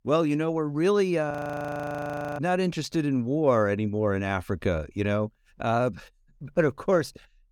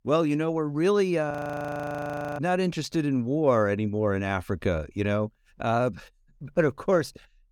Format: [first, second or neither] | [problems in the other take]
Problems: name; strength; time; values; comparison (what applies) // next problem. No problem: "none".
neither | audio freezing; at 1.5 s for 1 s; the same in both